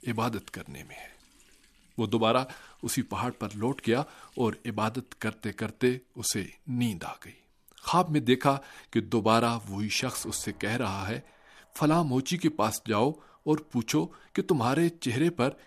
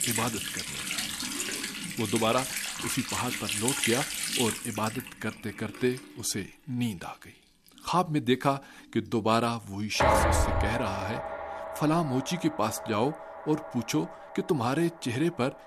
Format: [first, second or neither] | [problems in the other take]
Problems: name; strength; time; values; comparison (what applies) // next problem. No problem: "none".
first | household noises; loud; throughout; 1 dB below the speech; faint in the first